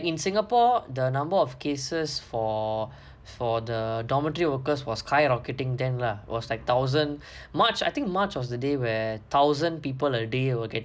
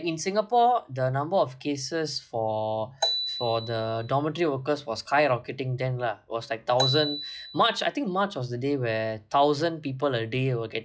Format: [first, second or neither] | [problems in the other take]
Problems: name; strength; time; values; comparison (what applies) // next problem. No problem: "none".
first | noise reduction (classical method log-MMSE)